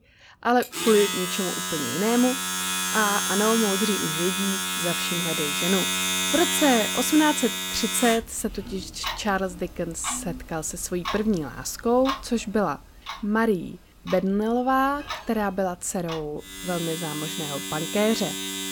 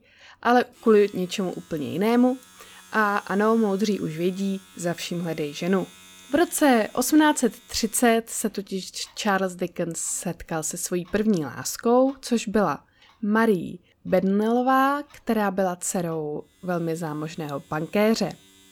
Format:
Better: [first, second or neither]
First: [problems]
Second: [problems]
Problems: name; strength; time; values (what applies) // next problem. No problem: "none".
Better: second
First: household noises; loud; throughout; 1 dB below the speech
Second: household noises; faint; throughout; 25 dB below the speech